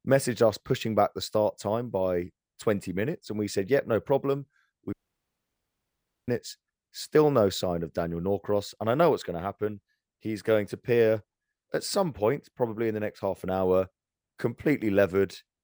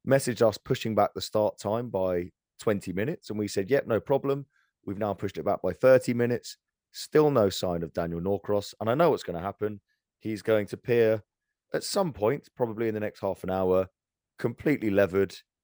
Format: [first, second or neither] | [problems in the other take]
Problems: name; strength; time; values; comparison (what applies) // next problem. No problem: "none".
second | audio cutting out; at 5 s for 1.5 s